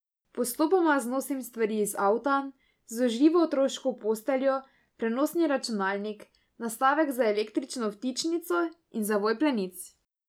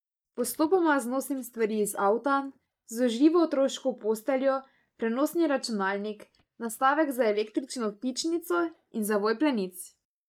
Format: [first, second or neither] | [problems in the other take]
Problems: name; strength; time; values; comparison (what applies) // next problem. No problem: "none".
first | noise reduction (neural mask model DeepFilterNet 3)